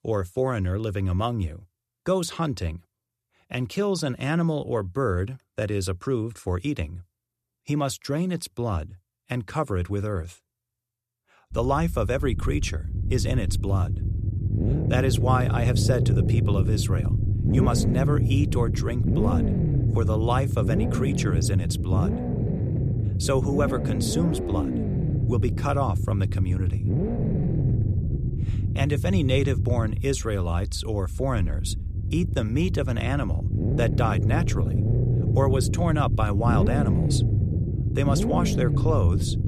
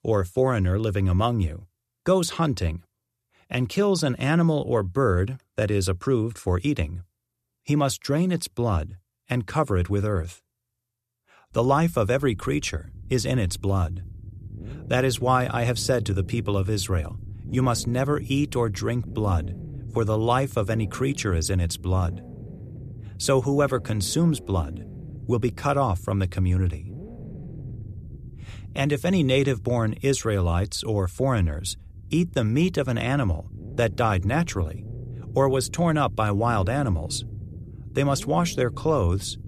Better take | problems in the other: second | low rumble; loud; from 12 s on; 5 dB below the speech; faint in the second

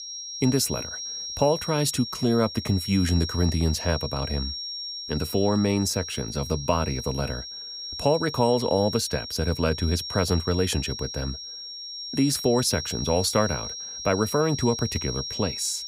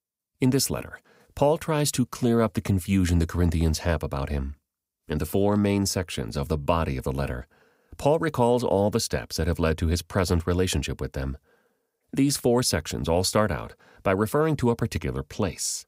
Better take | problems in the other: second | high-pitched whine; loud; throughout; 5.5 kHz, 7 dB below the speech

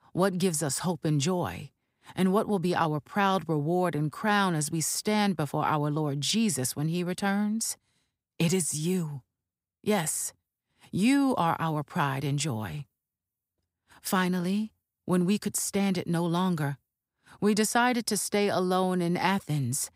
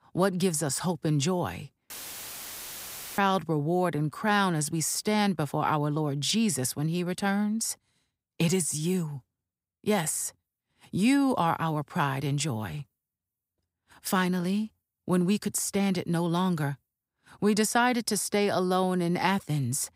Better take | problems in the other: first | audio cutting out; filled with static; at 2 s for 1.5 s

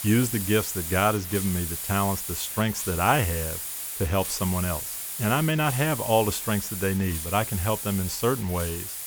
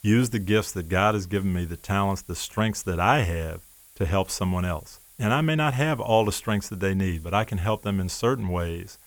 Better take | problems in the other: second | hiss; loud; throughout; 5 dB below the speech; faint in the second

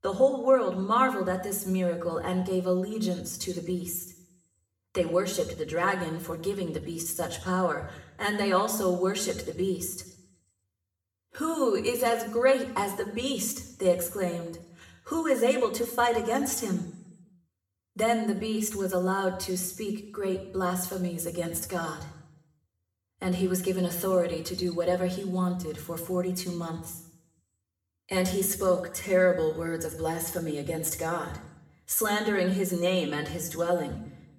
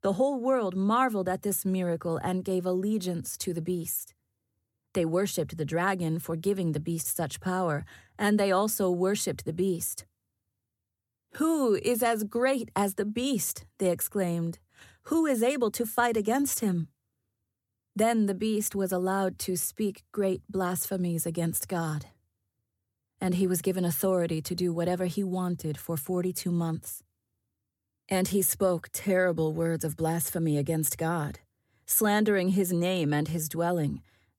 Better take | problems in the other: second | room echo; slight; dies away in 0.7 s // off-mic speech; somewhat distant

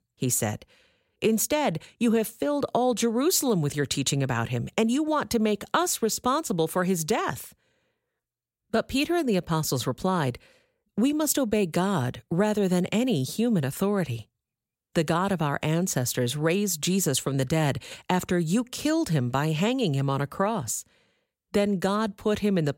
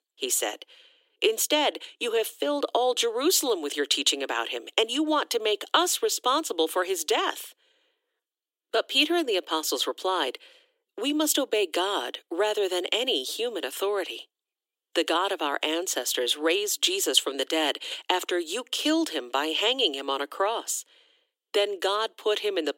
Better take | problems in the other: first | thin; somewhat; fading below 300 Hz

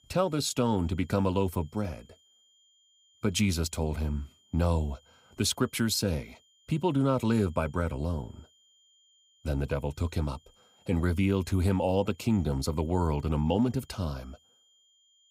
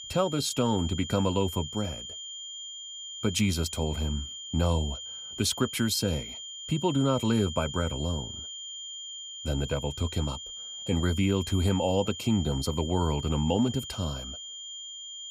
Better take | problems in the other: first | high-pitched whine; loud; throughout; 3 kHz, 9 dB below the speech; faint in the first

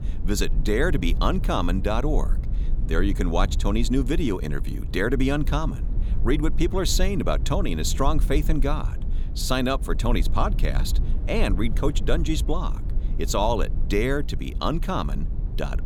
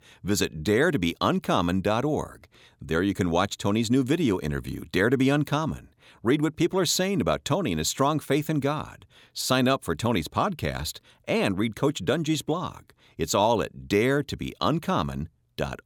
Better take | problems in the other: second | low rumble; noticeable; throughout; 15 dB below the speech

